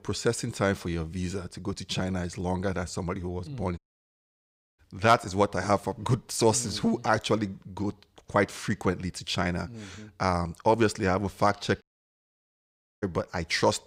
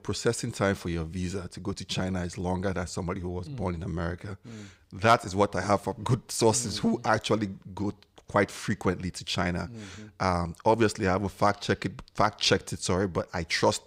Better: second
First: audio cutting out; at 4 s for 1 s and at 12 s for 1 s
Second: none

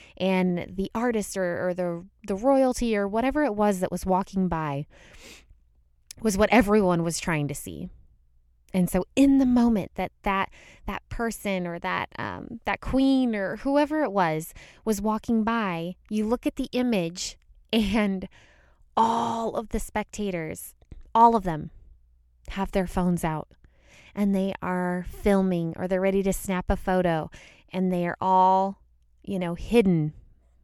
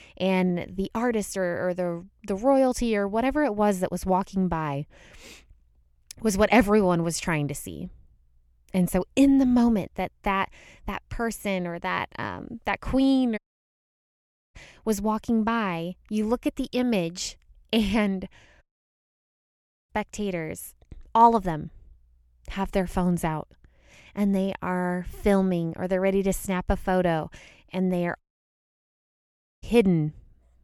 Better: first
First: none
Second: audio cutting out; at 13 s for 1 s, at 19 s for 1.5 s and at 28 s for 1.5 s

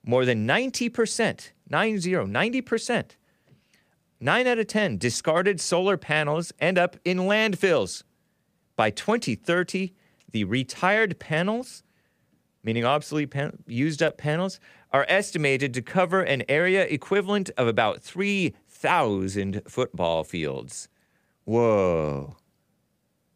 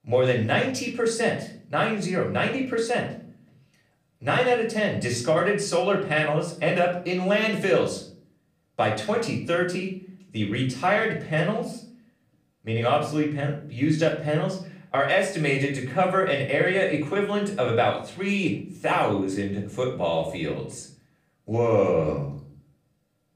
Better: first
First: none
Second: room echo; slight; dies away in 0.4 s // off-mic speech; far

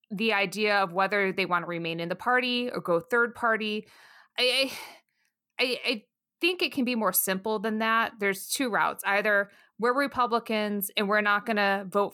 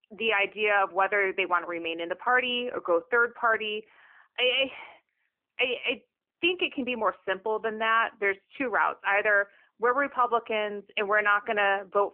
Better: first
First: none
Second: phone-call audio; nothing above 3 kHz

